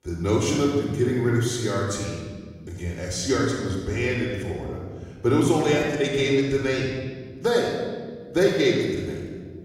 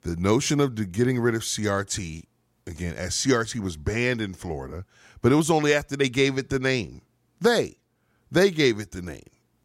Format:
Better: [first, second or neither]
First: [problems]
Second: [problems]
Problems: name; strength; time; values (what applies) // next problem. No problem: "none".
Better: second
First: off-mic speech; somewhat distant // room echo; noticeable; dies away in 1.5 s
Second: none